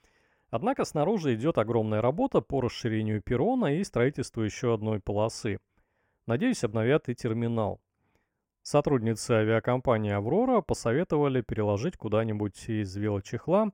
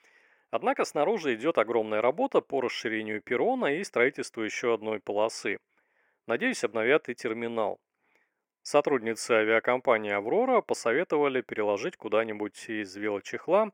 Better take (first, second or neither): first